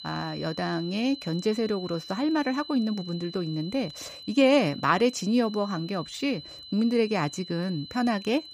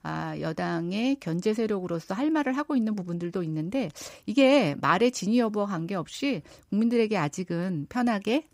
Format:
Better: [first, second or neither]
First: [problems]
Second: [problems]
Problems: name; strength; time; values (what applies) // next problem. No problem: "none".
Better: second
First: high-pitched whine; noticeable; throughout; 4 kHz, 15 dB below the speech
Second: none